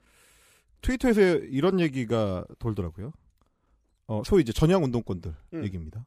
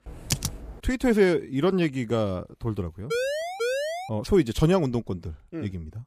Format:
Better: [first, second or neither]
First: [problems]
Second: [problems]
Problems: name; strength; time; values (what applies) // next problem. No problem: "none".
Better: first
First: none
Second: keyboard typing; noticeable; at the start; peak 3 dB below the speech // siren; noticeable; at 3 s; peak 2 dB below the speech